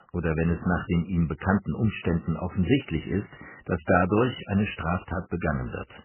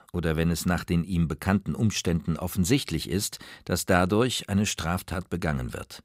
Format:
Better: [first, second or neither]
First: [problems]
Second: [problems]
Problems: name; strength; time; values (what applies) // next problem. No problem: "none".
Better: second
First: garbled, watery; badly; nothing above 3 kHz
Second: none